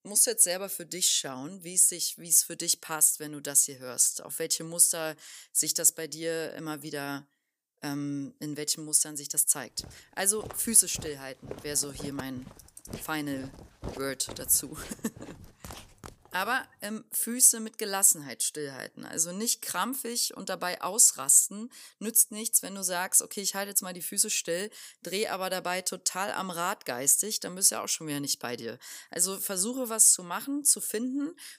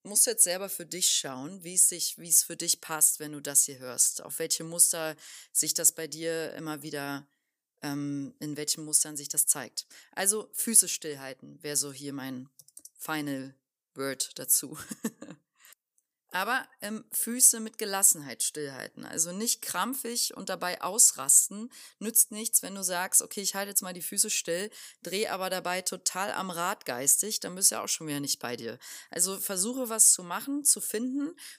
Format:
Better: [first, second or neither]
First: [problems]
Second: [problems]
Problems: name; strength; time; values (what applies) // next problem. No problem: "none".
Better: second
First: footsteps; faint; from 10 to 17 s; peak 15 dB below the speech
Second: none